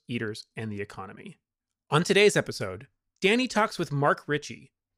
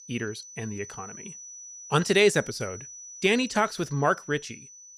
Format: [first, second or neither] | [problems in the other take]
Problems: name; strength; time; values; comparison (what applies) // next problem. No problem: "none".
first | high-pitched whine; noticeable; throughout; 6 kHz, 15 dB below the speech